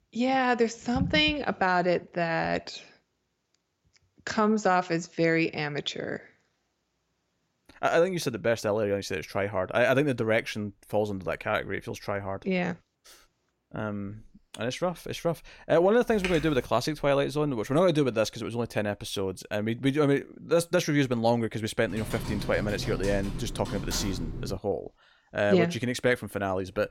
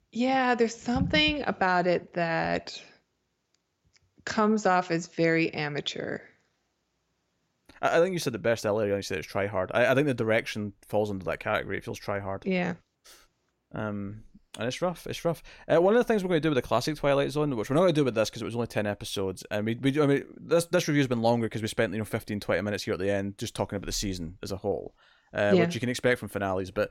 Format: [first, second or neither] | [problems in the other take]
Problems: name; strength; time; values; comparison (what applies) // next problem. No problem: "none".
second | keyboard typing; noticeable; at 16 s and from 22 to 25 s; peak 7 dB below the speech